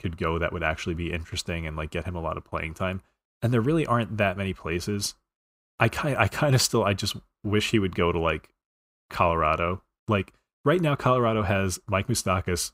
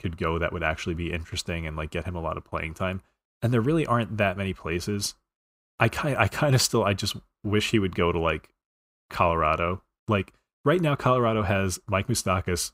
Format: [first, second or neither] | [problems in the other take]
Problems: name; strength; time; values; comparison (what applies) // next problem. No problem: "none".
neither | none